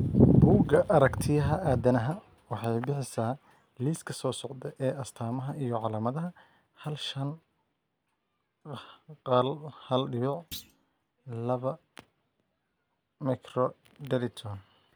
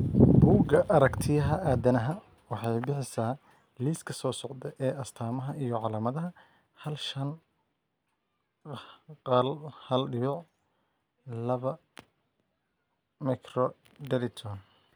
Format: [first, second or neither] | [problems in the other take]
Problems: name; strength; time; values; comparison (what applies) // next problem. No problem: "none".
second | background sound (Thump, thud); 19 dB below the speech